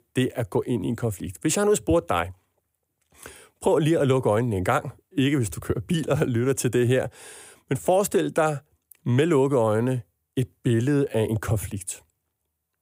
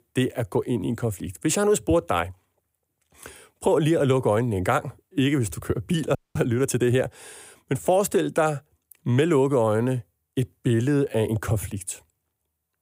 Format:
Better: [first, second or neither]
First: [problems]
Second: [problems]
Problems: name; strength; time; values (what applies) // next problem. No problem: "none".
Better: first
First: none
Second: audio freezing; at 6 s